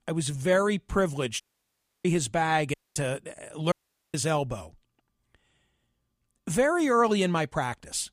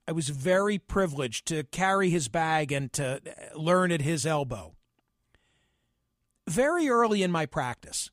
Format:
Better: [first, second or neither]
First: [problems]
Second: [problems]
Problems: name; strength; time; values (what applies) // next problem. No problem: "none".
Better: second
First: audio cutting out; at 1.5 s for 0.5 s, at 2.5 s and at 3.5 s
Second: none